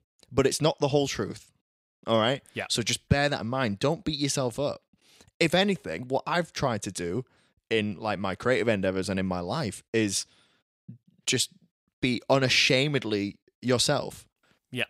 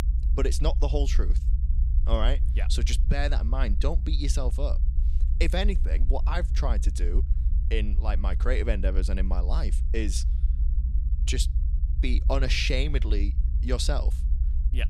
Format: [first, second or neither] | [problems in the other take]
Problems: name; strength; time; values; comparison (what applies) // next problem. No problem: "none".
first | low rumble; noticeable; throughout; 15 dB below the speech